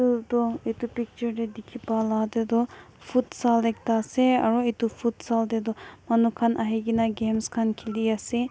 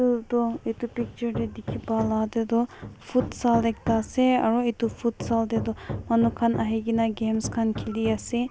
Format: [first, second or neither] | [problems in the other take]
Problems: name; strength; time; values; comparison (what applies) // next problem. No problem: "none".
first | background sound (Hammer); 12 dB below the speech